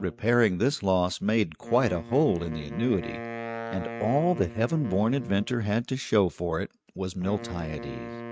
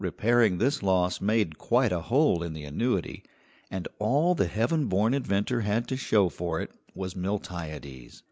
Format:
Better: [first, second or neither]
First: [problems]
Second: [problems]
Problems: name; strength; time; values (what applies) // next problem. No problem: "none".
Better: second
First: noise reduction (neural mask model RNNoise)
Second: none